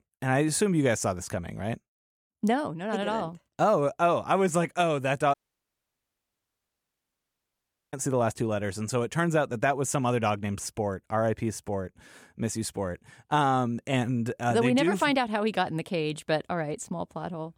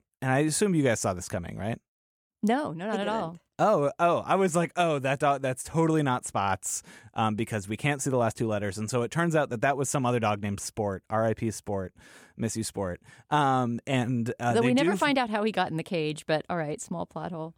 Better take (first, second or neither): second